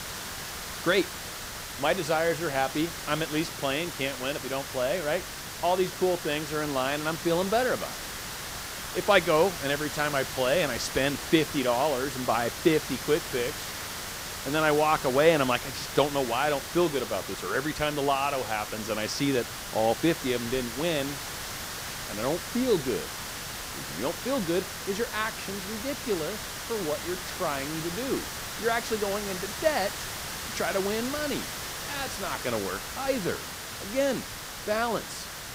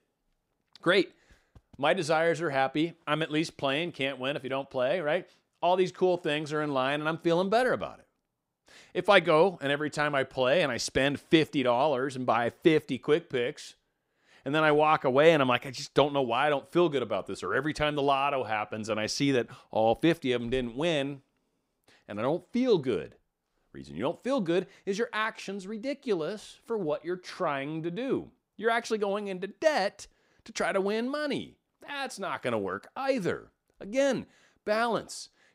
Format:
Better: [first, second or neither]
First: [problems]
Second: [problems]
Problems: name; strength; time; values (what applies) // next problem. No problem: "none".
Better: second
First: hiss; loud; throughout; 6 dB below the speech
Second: none